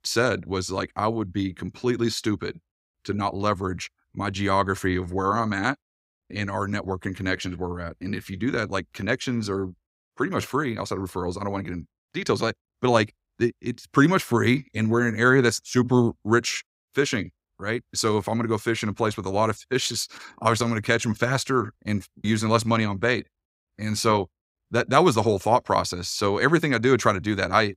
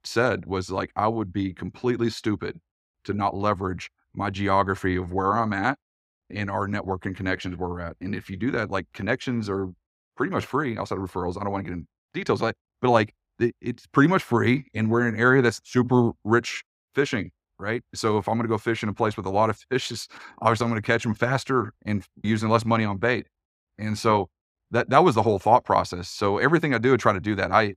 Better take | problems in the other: first | muffled; very slightly; fading above 4 kHz

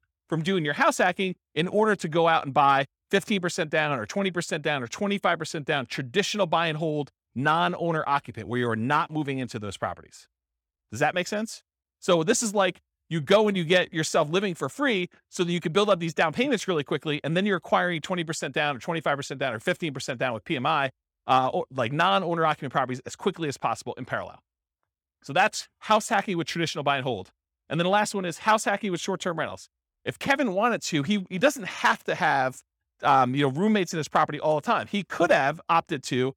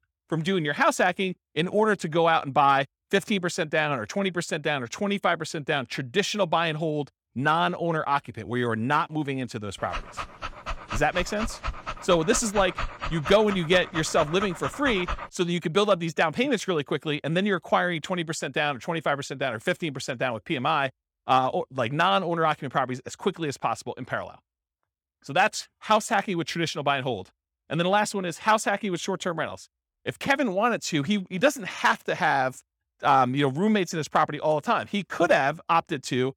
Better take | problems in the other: first | dog barking; noticeable; from 10 to 15 s; peak 7 dB below the speech

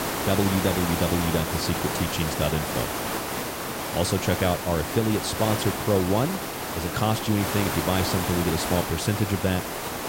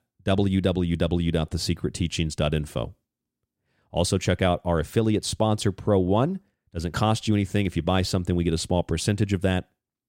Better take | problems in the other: second | hiss; loud; throughout; 2 dB below the speech

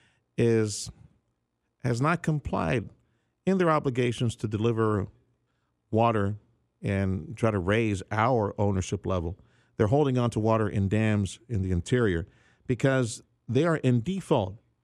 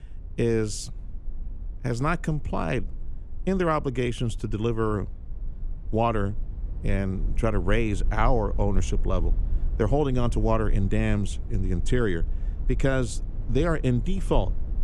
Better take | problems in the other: first | low rumble; faint; throughout; 25 dB below the speech

